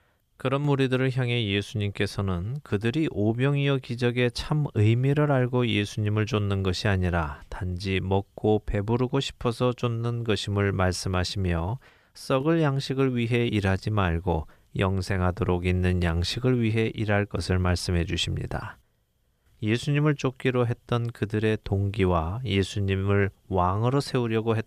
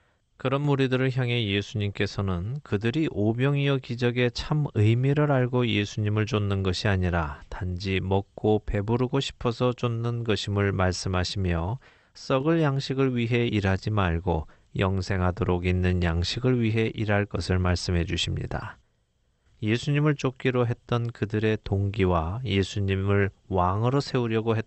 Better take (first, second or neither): first